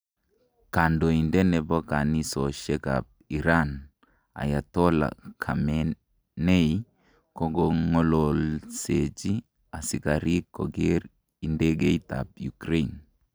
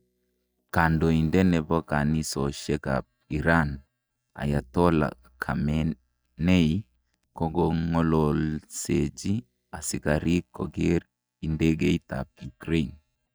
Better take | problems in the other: first | noise reduction (neural mask model DeepFilterNet 3)

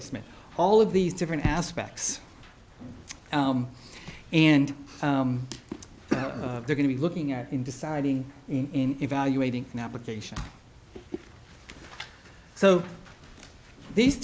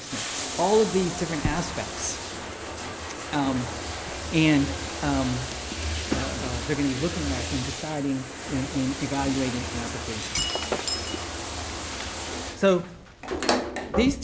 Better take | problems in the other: first | background sound (Bathtub (filling or washing) + Shatter); 3 dB below the speech

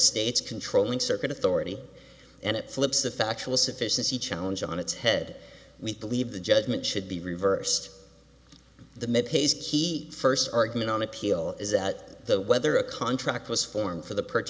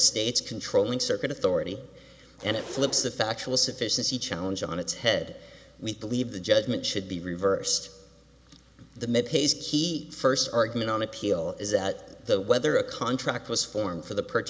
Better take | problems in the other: first | background sound (Zipper (clothing)); 17 dB below the speech

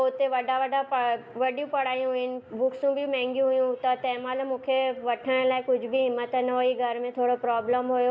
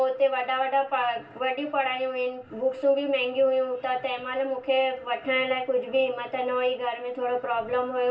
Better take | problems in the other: first | room echo; dies away in 0.2 s

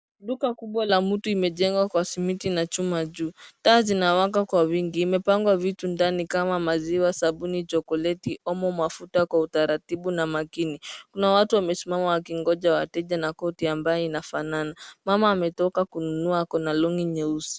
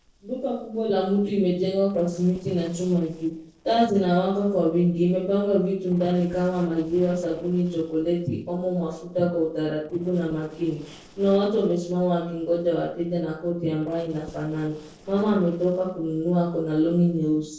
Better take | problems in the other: first | noise reduction (neural separator model SepFormer DNS4)

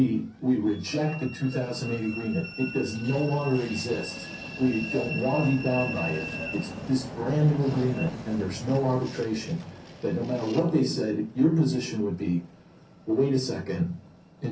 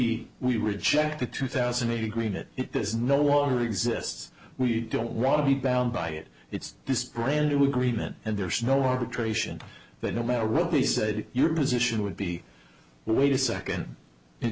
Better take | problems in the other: second | background sound (Train); 12 dB below the speech // room echo; dies away in 0.3 s

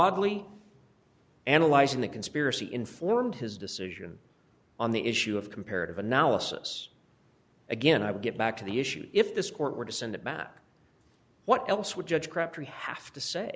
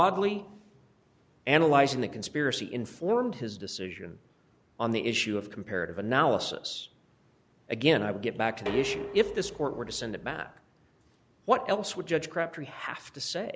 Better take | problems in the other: first | background sound (Dishes, pots, and pans); 10 dB below the speech

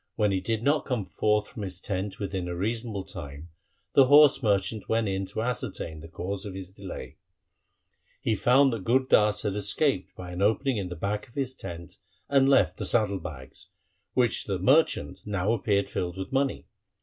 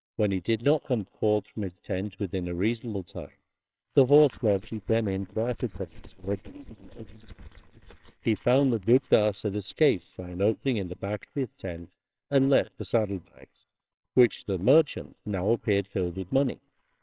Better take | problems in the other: first | noise reduction (neural separator model SepFormer WHAMR!)

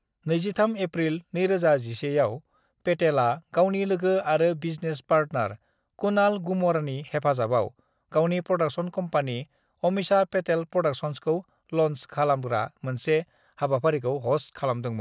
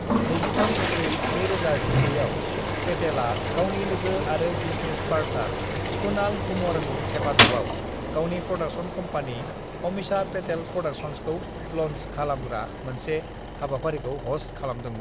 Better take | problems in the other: first | background sound (Engine + Toilet flush); 2 dB above the speech

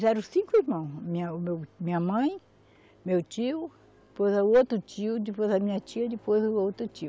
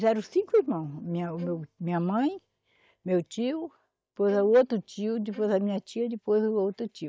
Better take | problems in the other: first | noise reduction (neural mask model DeepFilterNet 3)

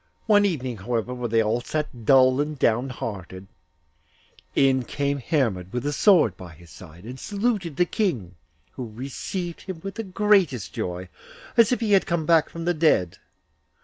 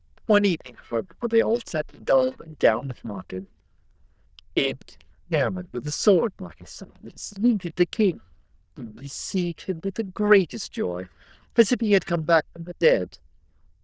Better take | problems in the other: first | noise reduction (neural diffusion model UNIVERSE++)

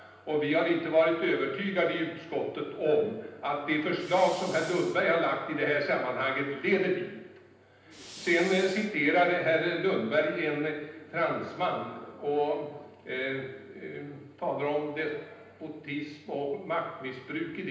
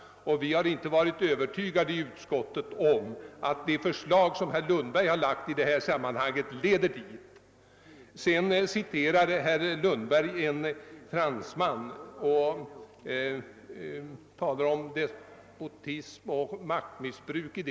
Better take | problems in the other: second | background sound (Fire); 17 dB below the speech // room echo; dies away in 0.9 s

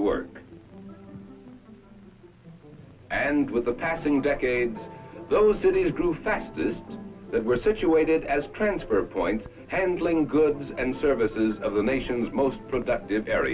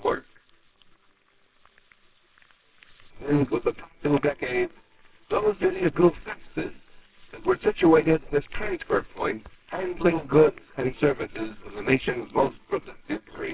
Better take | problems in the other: first | noise reduction (neural separator model SepFormer WHAMR!)

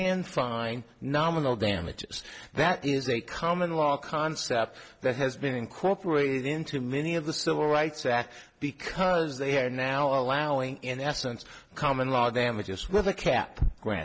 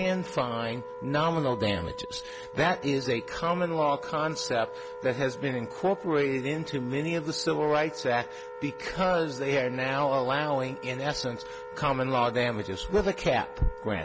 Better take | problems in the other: first | background sound (Wind instrument, woodwind instrument); 12 dB below the speech

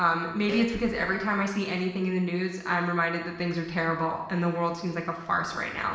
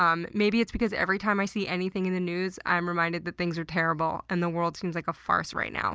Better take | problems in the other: second | background sound (Fart); 16 dB below the speech // room echo; dies away in 0.9 s

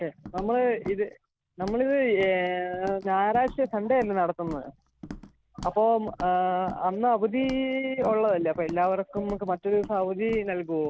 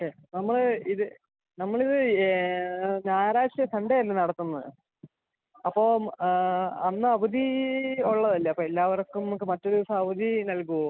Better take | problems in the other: second | background sound (Walk, footsteps); 17 dB below the speech

